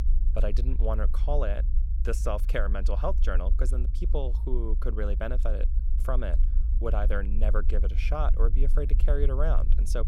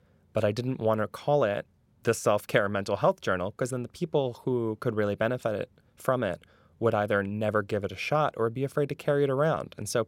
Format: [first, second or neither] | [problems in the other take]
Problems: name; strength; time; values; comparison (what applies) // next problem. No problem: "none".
second | low rumble; noticeable; throughout; 15 dB below the speech